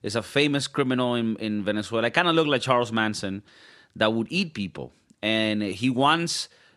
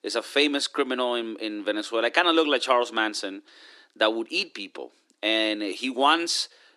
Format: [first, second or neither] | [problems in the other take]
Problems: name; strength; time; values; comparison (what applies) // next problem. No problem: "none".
first | thin; somewhat; fading below 300 Hz